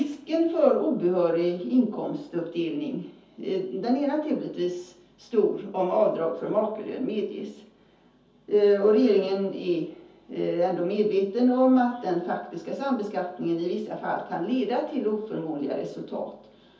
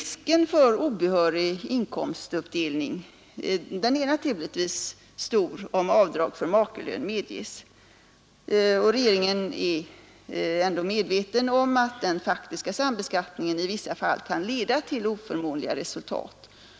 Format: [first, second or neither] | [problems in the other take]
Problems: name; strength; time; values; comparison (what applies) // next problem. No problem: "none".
second | room echo; dies away in 0.5 s